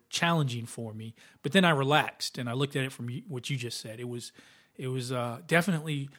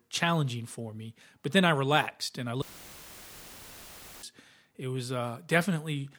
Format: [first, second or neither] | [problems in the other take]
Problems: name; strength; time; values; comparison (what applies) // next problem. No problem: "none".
first | audio cutting out; filled with static; at 2.5 s for 1.5 s